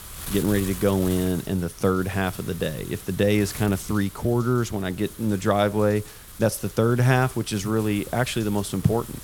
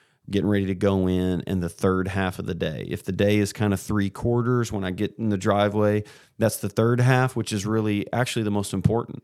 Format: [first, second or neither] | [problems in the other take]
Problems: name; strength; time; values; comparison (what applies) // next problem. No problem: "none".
second | wind noise on the microphone; occasional gusts; 15 dB below the speech